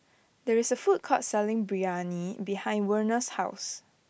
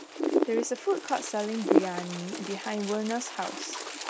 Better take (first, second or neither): first